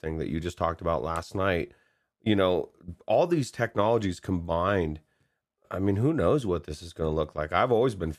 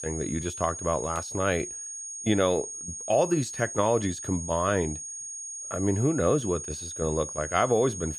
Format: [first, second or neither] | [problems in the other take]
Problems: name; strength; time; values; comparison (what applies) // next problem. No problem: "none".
first | high-pitched whine; loud; throughout; 6.5 kHz, 7 dB below the speech